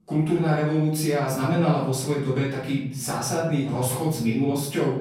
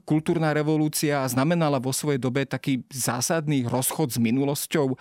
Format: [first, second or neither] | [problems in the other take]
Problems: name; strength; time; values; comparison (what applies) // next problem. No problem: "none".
second | off-mic speech; far // room echo; noticeable; dies away in 0.6 s